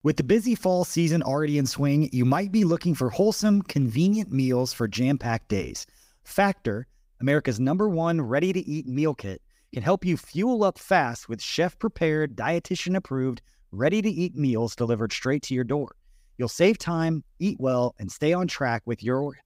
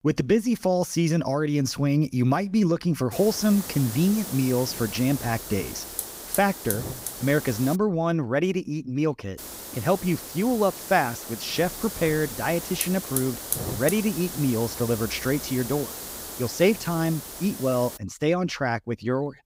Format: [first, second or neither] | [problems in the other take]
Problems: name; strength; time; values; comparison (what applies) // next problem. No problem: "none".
first | hiss; loud; from 3 to 8 s and from 9.5 to 18 s; 8 dB below the speech